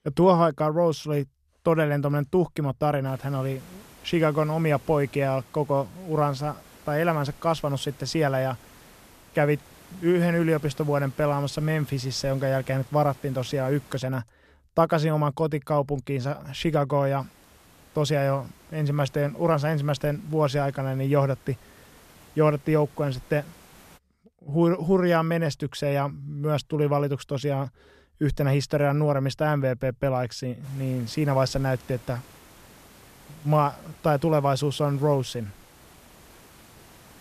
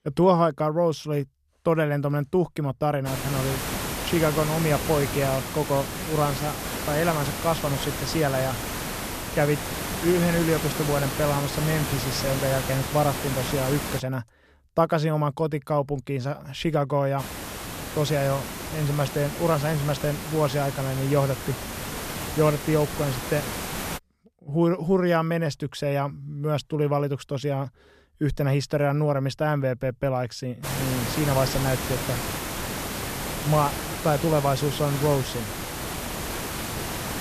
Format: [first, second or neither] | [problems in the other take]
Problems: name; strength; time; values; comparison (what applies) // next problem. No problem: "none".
first | hiss; loud; from 3 to 14 s, from 17 to 24 s and from 31 s on; 5 dB below the speech; faint in the first